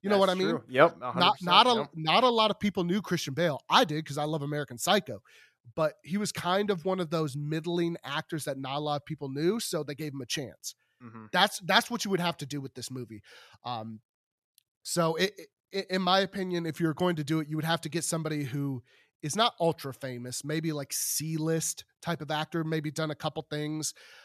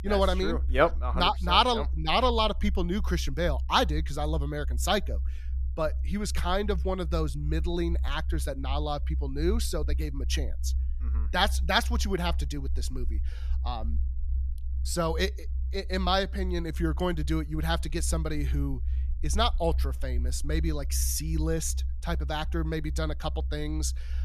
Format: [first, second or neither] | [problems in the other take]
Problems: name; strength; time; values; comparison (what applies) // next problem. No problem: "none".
first | low rumble; faint; throughout; 25 dB below the speech